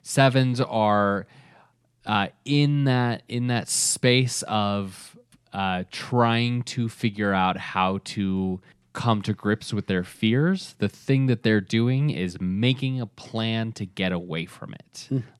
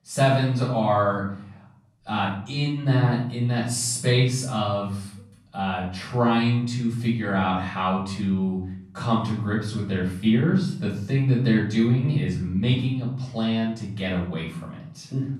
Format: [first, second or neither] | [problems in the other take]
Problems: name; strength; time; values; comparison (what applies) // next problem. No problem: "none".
first | off-mic speech; far // room echo; noticeable; dies away in 0.6 s